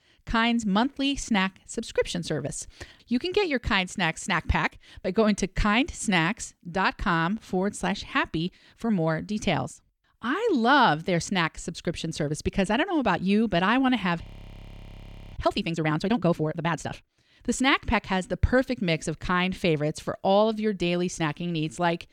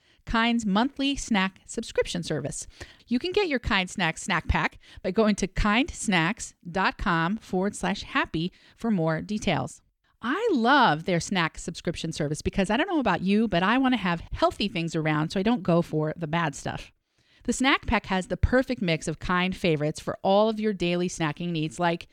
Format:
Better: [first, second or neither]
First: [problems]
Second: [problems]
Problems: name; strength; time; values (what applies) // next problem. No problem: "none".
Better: second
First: audio freezing; at 14 s for 1 s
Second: none